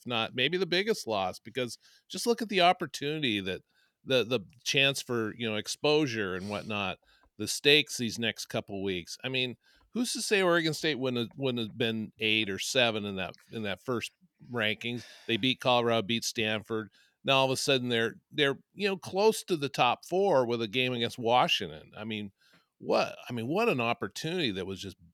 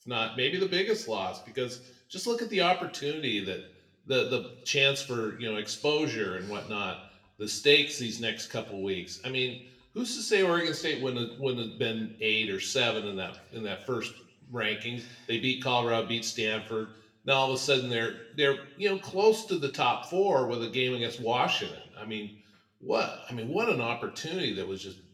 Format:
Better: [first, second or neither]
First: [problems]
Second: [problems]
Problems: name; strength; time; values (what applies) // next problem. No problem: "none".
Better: first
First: none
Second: room echo; very slight; dies away in 0.6 s // off-mic speech; somewhat distant